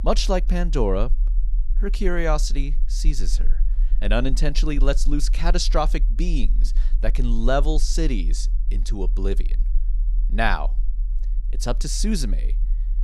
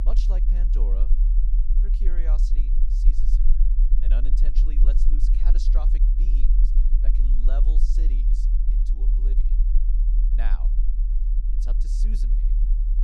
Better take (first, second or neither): first